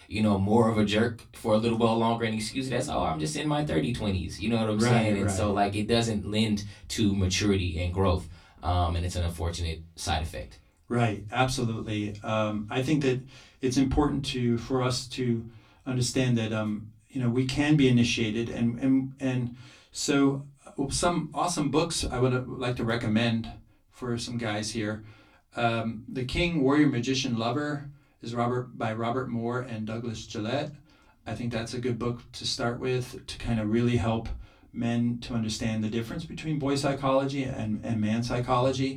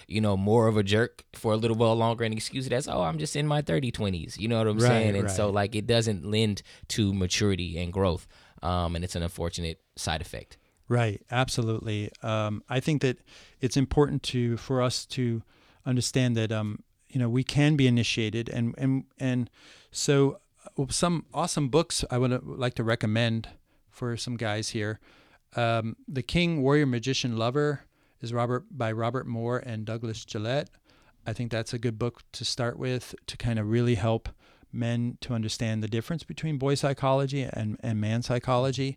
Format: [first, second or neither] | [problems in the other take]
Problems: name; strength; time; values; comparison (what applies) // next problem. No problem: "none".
second | off-mic speech; far // room echo; very slight; dies away in 0.2 s